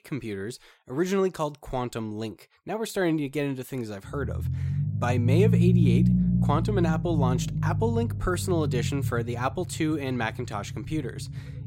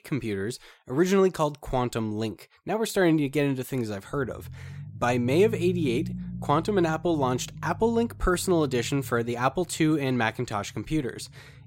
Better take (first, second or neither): second